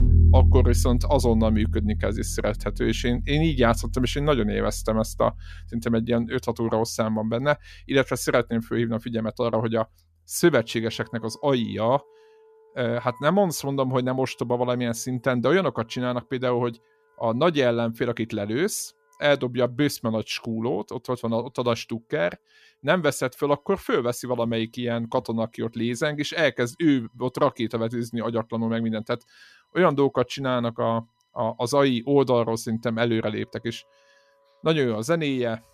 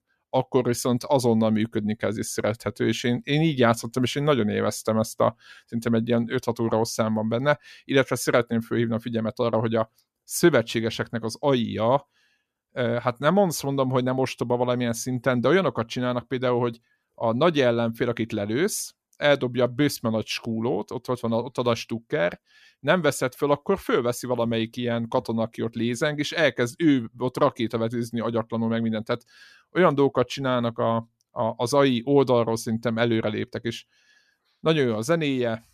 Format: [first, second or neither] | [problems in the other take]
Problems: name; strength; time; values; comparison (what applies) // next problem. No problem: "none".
second | background music; loud; throughout; 2 dB below the speech